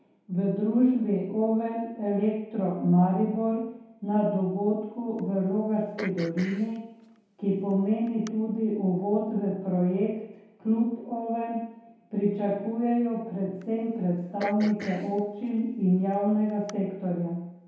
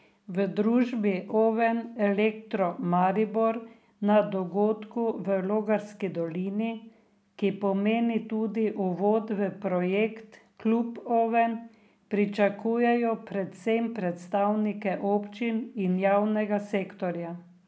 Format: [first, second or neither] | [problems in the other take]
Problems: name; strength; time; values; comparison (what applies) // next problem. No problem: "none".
second | background sound (Cough); 17 dB below the speech // room echo; dies away in 0.8 s